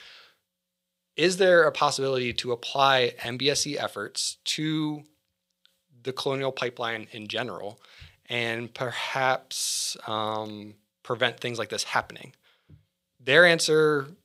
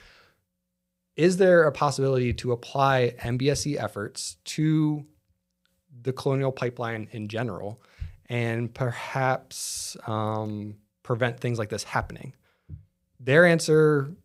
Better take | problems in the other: second | thin; somewhat; fading below 1 kHz

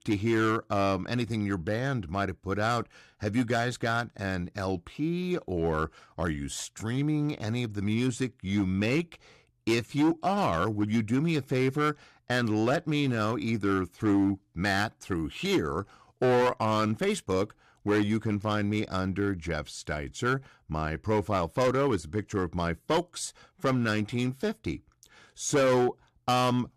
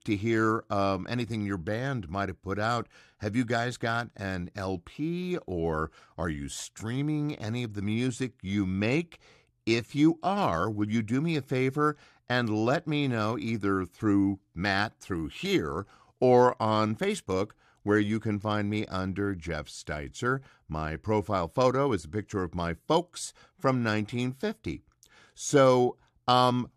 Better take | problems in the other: second | distortion; slight; 5% of the sound clipped

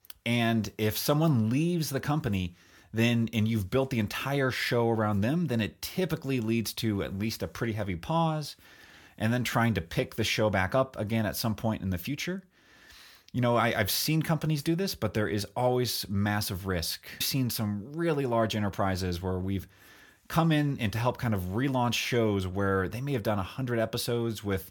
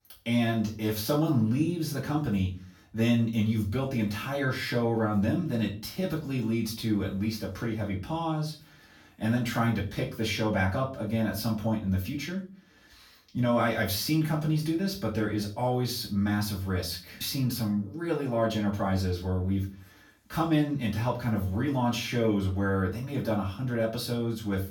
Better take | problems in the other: first | off-mic speech; far // room echo; slight; dies away in 0.3 s

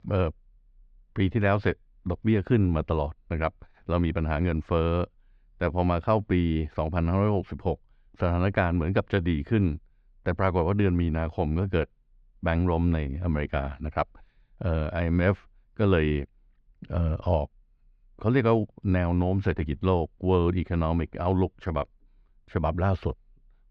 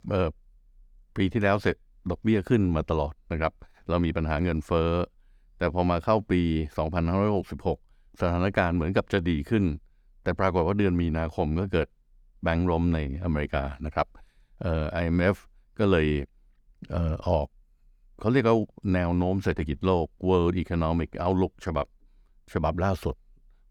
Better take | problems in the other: second | muffled; very slightly; fading above 3.5 kHz

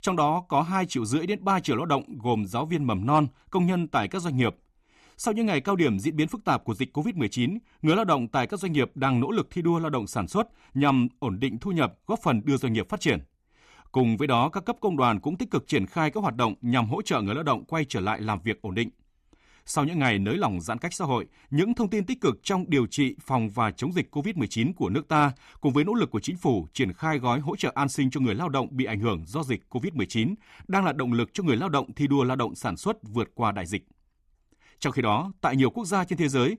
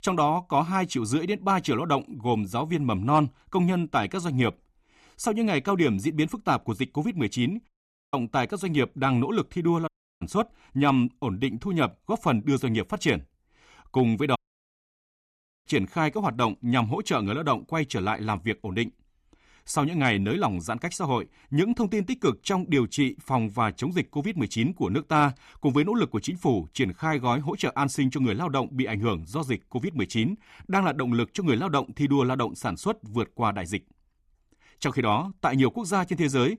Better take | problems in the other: first | audio cutting out; at 7.5 s, at 10 s and at 14 s for 1.5 s

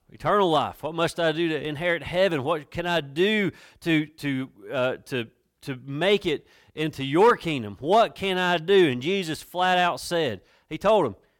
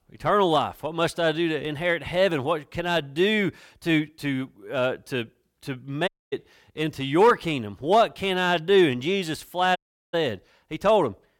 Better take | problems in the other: first | audio cutting out; at 6 s and at 10 s

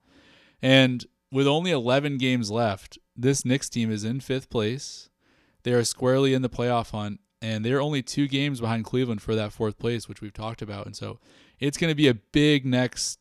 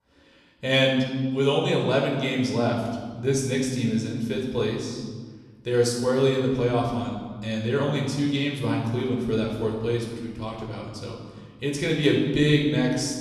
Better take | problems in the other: first | room echo; noticeable; dies away in 1.4 s // off-mic speech; somewhat distant

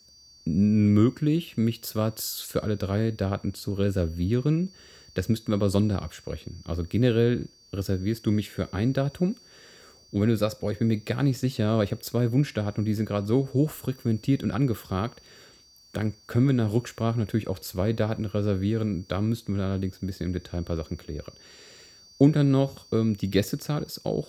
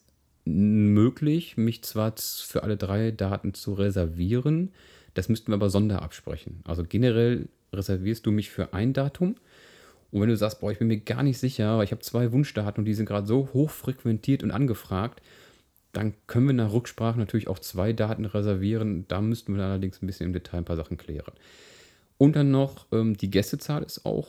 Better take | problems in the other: second | high-pitched whine; faint; throughout; 4.5 kHz, 25 dB below the speech

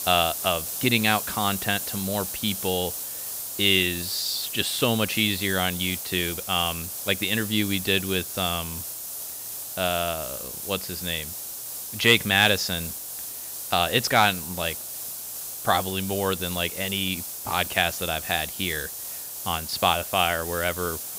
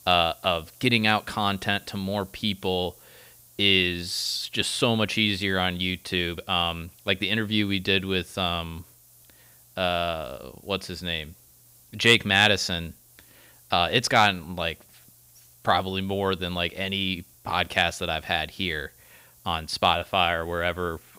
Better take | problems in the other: second | hiss; loud; throughout; 6 dB below the speech; faint in the second

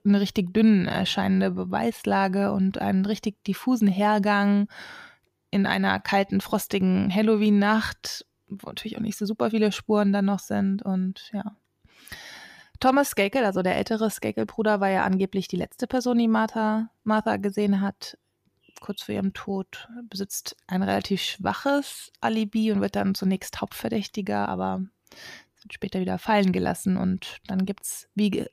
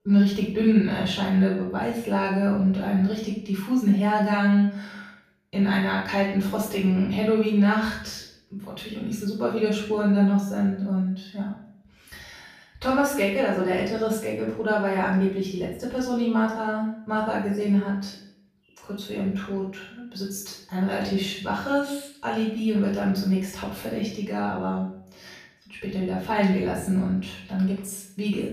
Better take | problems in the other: first | off-mic speech; far // room echo; noticeable; dies away in 0.6 s

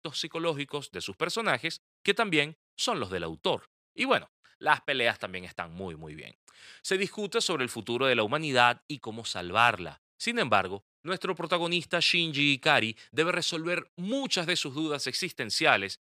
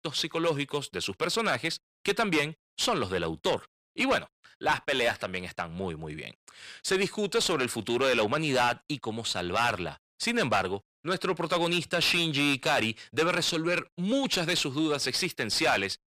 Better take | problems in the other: first | distortion; heavy; 6 dB below the speech

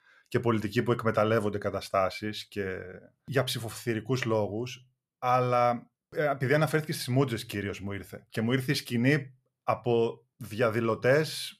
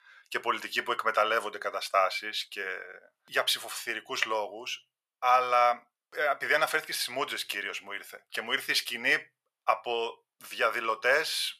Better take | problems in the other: first | thin; very; fading below 900 Hz

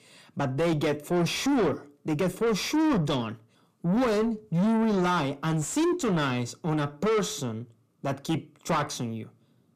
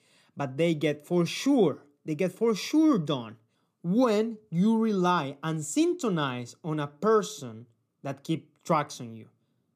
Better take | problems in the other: second | distortion; heavy; 6 dB below the speech

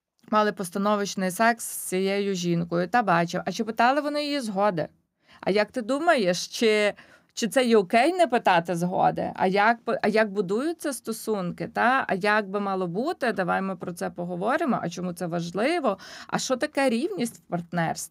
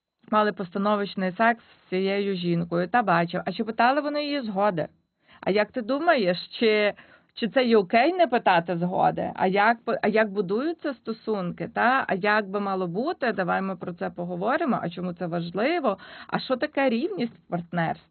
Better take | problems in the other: first | garbled, watery; badly; nothing above 4 kHz

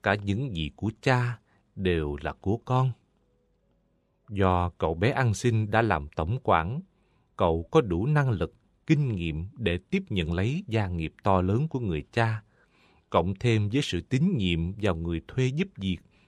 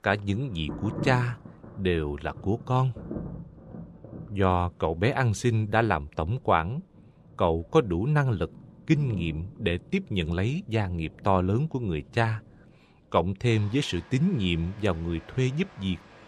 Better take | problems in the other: first | rain or running water; noticeable; throughout; 15 dB below the speech

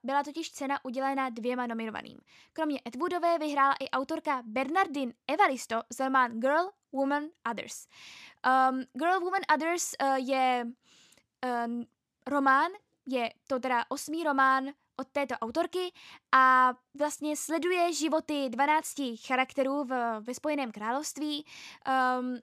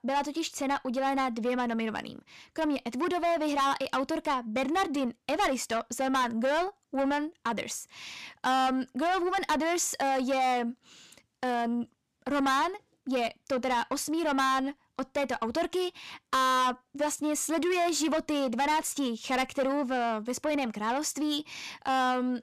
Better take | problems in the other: first | distortion; heavy; 7 dB below the speech

